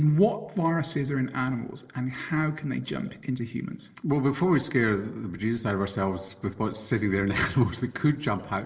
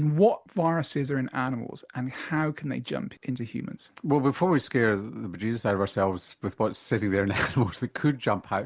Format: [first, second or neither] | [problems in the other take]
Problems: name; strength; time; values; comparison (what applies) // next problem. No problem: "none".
second | room echo; dies away in 1.6 s